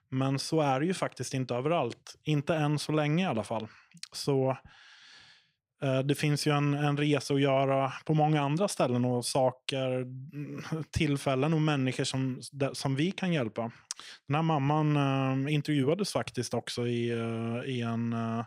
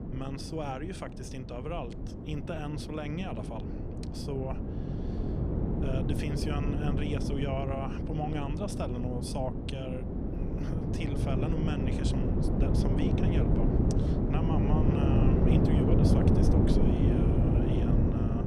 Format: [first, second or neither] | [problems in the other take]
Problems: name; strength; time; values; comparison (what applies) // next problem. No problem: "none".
first | wind noise on the microphone; heavy; 3 dB above the speech